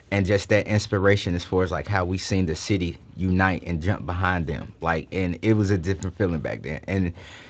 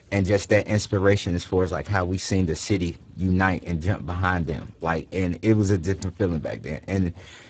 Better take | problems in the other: first | garbled, watery; badly; nothing above 7.5 kHz; slightly in the first

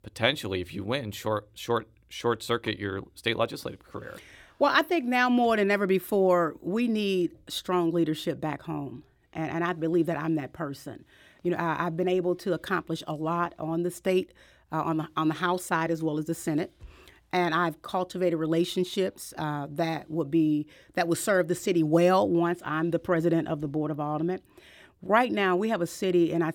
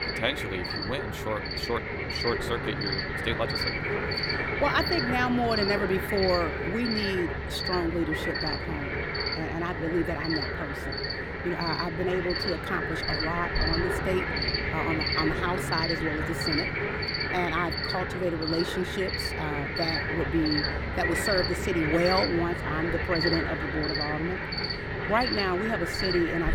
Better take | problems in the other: first | animal sounds; very loud; throughout; 1 dB above the speech

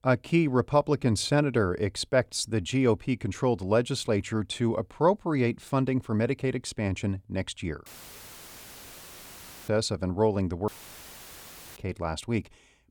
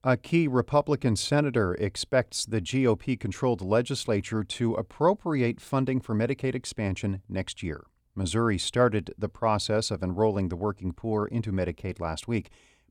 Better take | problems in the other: second | audio cutting out; filled with static; at 8 s for 2 s and at 11 s for 1 s

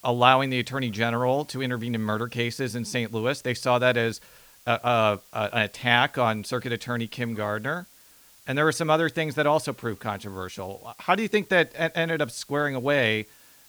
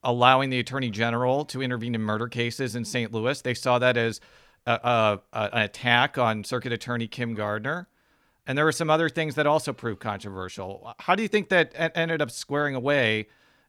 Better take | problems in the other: second | hiss; faint; throughout; 25 dB below the speech

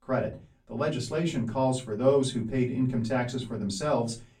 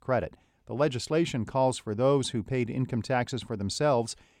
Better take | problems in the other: second | off-mic speech; far // room echo; very slight; dies away in 0.3 s

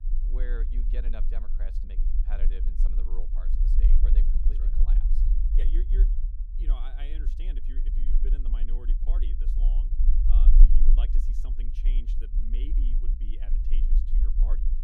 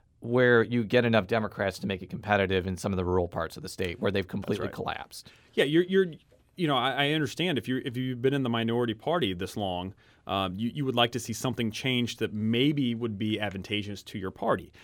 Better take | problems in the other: second | low rumble; loud; throughout; 2 dB below the speech

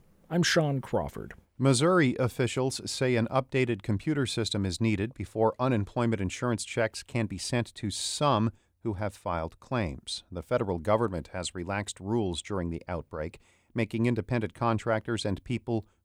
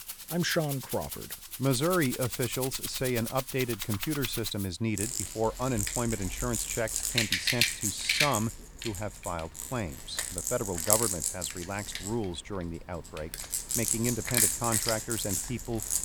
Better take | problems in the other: first | background music; very loud; throughout; 2 dB above the speech

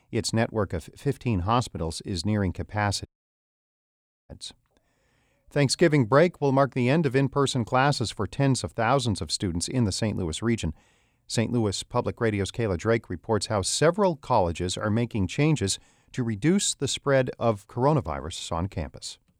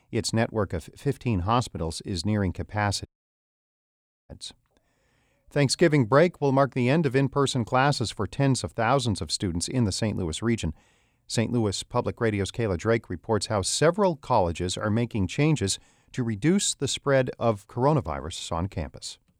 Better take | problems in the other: neither | audio cutting out; at 3 s for 1 s; the same in both

